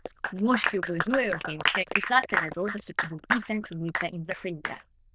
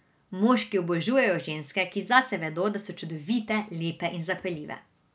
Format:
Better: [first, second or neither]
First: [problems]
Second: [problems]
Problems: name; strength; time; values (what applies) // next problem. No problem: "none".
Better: second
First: noise reduction (neural diffusion model UNIVERSE++)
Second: none